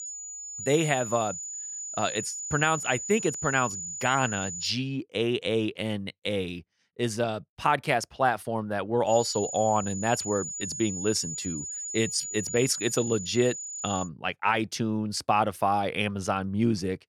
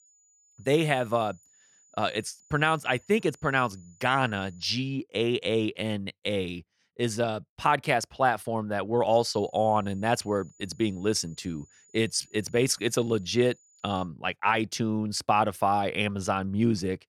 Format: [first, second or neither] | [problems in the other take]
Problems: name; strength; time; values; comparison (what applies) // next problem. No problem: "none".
second | high-pitched whine; loud; until 4.5 s and from 9 to 14 s; 7 kHz, 6 dB below the speech; faint in the second